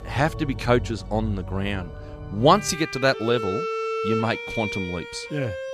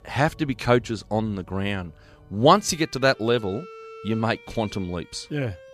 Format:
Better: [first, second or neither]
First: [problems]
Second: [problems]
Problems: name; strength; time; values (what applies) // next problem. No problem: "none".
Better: second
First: background music; loud; throughout; 7 dB below the speech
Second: background music; faint; throughout; 20 dB below the speech